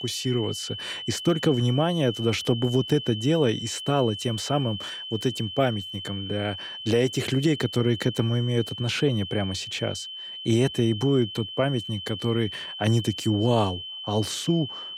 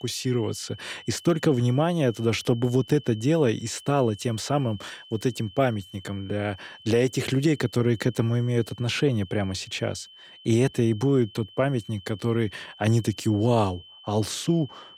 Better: second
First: high-pitched whine; loud; throughout; 3 kHz, 8 dB below the speech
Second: high-pitched whine; faint; throughout; 3 kHz, 20 dB below the speech

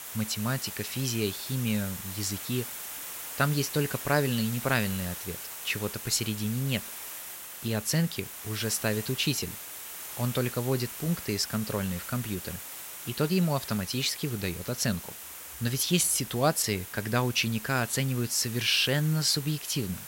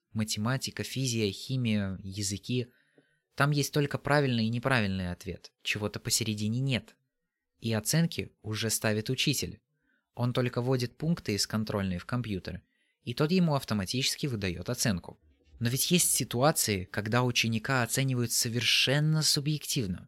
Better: second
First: hiss; loud; throughout; 9 dB below the speech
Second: none

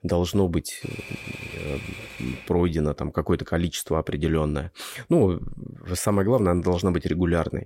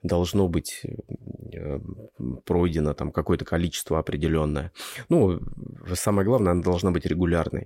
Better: second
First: keyboard typing; faint; from 1 to 2.5 s; peak 10 dB below the speech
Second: none

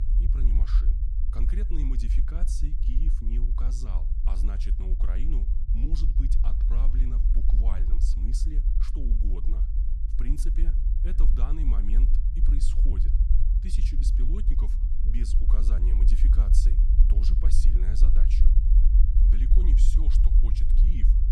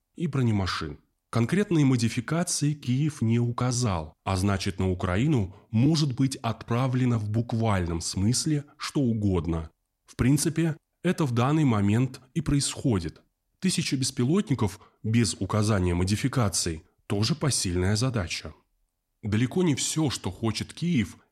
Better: second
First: low rumble; loud; throughout; 1 dB below the speech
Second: none

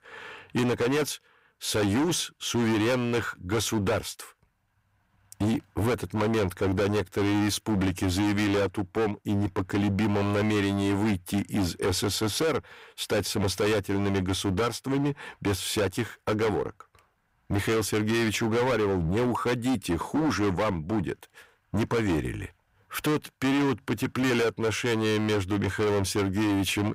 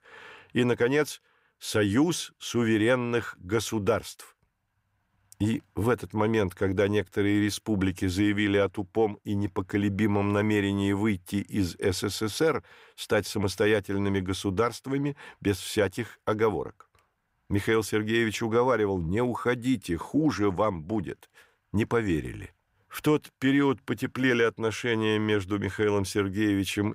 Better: second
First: distortion; heavy; 22% of the sound clipped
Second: none

